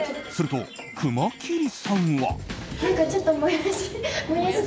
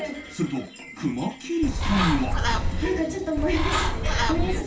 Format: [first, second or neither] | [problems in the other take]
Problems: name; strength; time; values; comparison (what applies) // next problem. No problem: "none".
first | background sound (Bird); 3 dB above the speech // room echo; dies away in 0.2 s